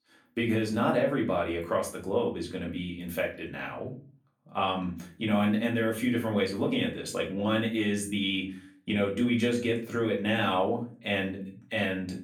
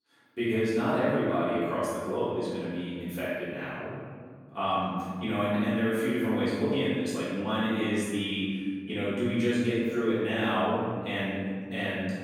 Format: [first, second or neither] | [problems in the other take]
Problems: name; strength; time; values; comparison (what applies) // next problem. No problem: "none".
first | room echo; strong; dies away in 1.7 s; slight in the first // off-mic speech; far; far in the first